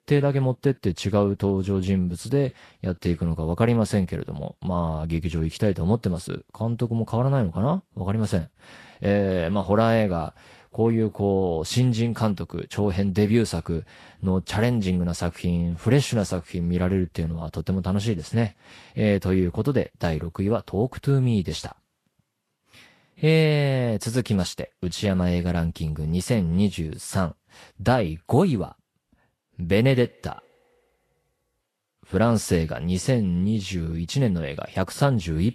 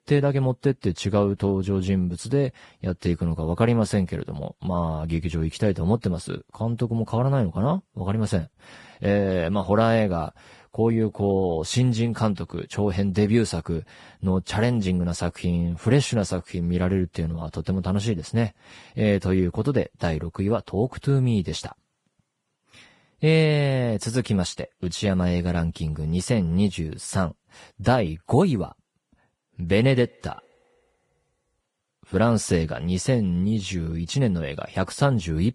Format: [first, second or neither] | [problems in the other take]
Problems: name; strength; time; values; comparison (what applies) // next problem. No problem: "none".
first | garbled, watery; badly; nothing above 10.5 kHz; slightly in the first